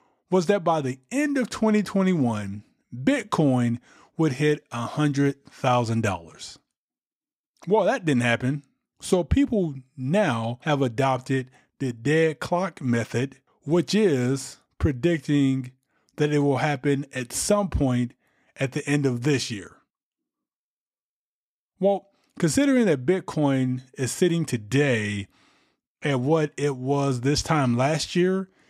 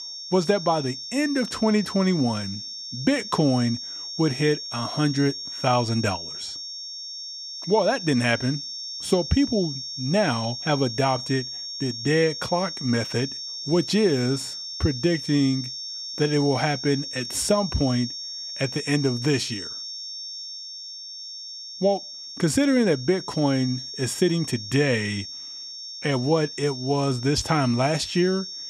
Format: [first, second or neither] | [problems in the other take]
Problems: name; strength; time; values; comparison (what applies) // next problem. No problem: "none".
first | high-pitched whine; loud; throughout; 5.5 kHz, 8 dB below the speech